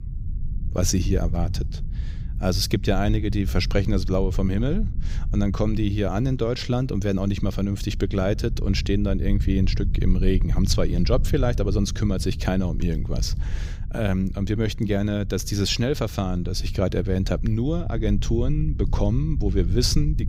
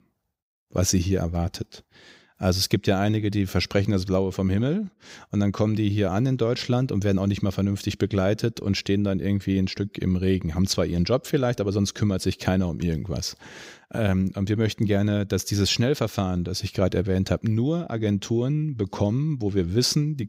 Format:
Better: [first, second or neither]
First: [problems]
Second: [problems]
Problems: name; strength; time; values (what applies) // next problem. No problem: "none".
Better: second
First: low rumble; noticeable; throughout; 15 dB below the speech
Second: none